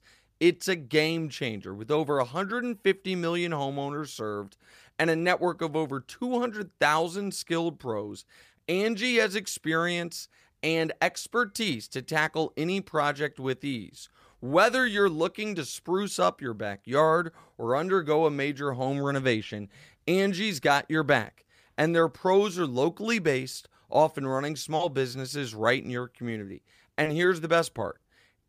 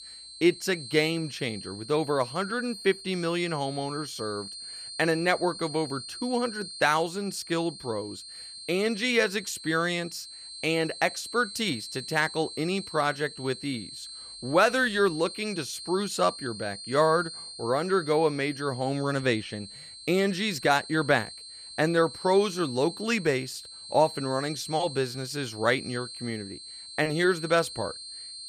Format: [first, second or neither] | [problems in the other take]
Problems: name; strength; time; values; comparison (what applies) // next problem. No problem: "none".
first | high-pitched whine; noticeable; throughout; 4 kHz, 10 dB below the speech